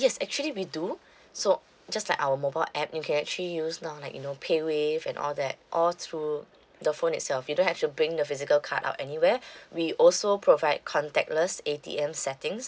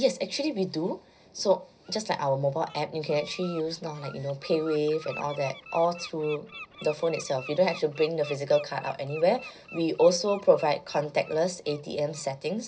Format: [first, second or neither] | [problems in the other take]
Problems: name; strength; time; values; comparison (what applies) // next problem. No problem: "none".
first | background sound (Bird); 19 dB below the speech // room echo; dies away in 0.4 s